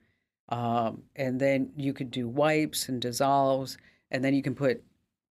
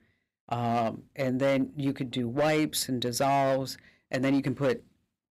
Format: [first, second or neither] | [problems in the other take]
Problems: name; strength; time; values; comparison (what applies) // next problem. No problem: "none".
first | distortion; slight; 7% of the sound clipped